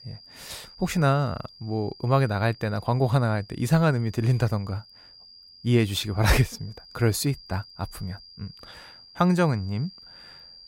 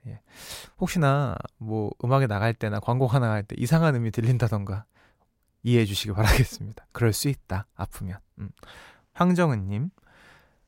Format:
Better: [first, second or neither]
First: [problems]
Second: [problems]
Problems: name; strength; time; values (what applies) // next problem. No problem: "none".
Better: second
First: high-pitched whine; faint; throughout; 5 kHz, 20 dB below the speech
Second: none